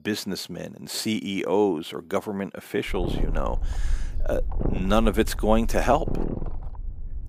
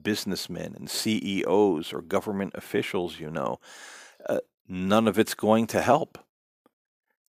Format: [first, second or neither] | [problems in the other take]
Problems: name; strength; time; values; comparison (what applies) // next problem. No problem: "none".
second | low rumble; noticeable; from 3 s on; 10 dB below the speech